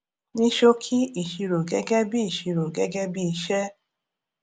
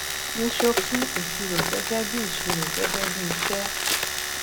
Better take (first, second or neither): first